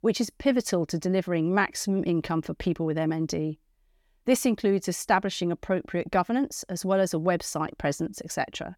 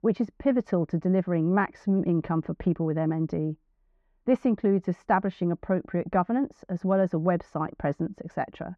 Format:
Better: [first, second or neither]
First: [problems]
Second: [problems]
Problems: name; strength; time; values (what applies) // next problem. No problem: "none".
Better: first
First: none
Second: muffled; very; fading above 1.5 kHz